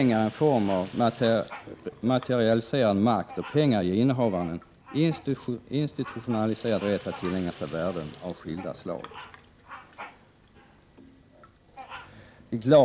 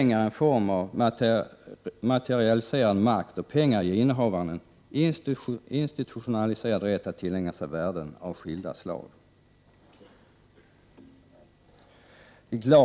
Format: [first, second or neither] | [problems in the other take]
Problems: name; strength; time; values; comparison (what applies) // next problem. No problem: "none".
second | background sound (Bird vocalization, bird call, bird song + Sink (filling or washing)); 19 dB below the speech